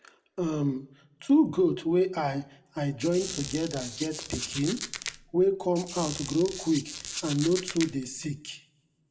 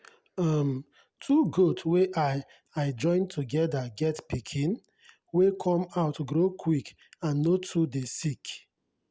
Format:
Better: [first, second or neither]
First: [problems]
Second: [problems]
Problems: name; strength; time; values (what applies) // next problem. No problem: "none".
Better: second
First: background sound (Squeak); 10 dB below the speech // room echo; dies away in 0.3 s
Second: none